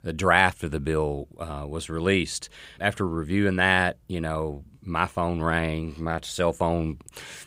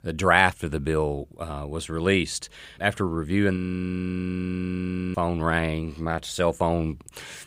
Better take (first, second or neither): first